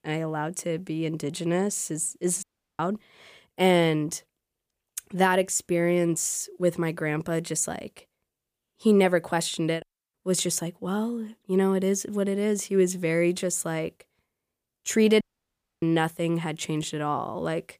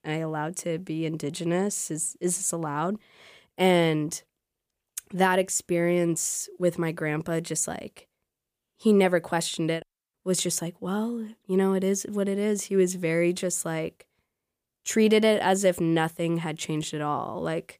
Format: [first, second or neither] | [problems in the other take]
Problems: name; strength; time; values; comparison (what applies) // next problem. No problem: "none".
second | audio cutting out; at 2.5 s and at 15 s for 0.5 s